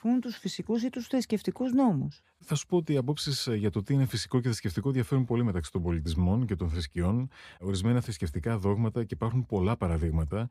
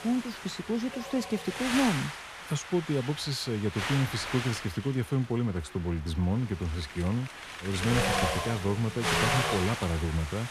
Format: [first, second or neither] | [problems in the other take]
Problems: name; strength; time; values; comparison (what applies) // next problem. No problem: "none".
first | wind noise on the microphone; heavy; 3 dB above the speech